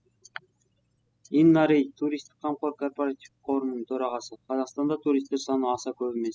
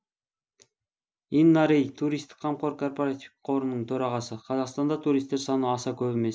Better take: second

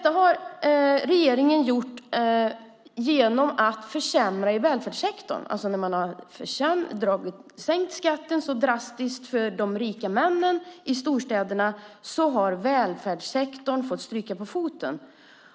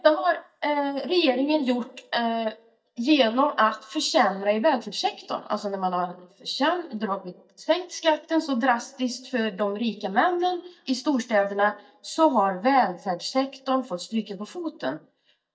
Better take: first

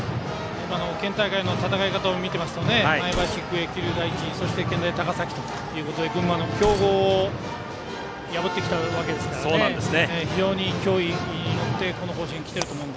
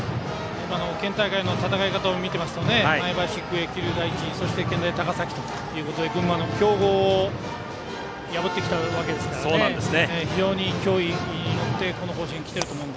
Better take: second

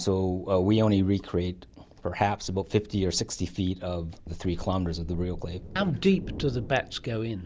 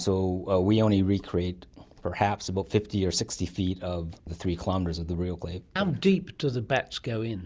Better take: second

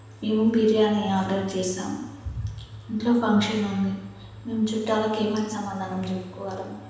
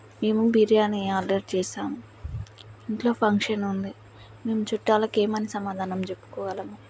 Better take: second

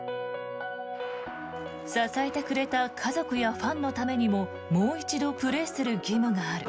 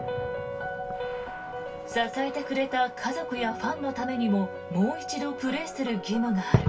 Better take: first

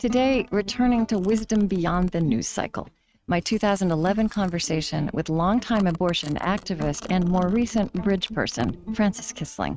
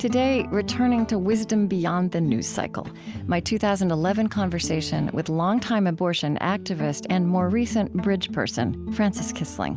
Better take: second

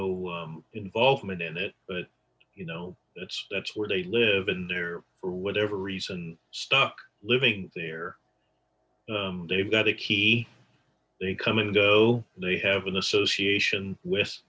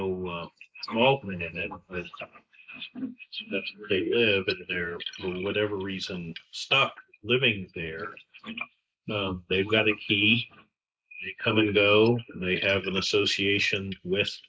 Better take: first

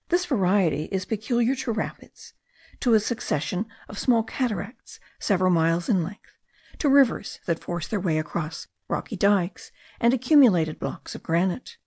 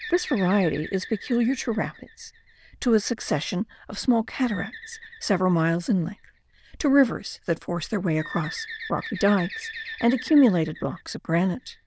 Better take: first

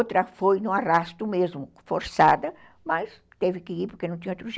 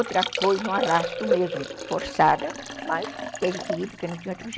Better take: first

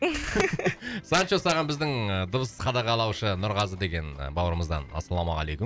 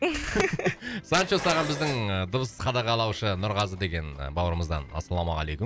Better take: first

